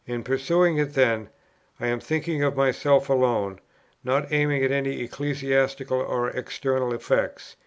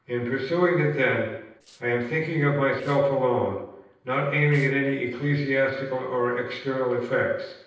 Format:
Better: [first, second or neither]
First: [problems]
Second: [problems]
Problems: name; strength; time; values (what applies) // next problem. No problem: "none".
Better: first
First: none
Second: noise reduction (neural separator model SepFormer DNS4)